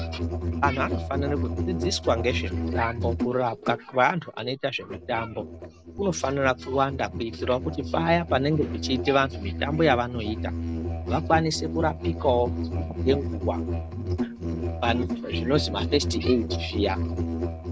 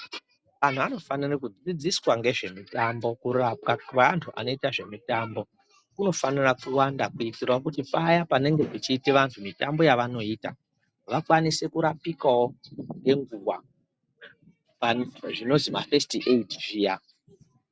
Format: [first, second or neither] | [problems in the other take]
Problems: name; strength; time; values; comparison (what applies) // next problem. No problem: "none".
second | background sound (Musical instrument); 3 dB below the speech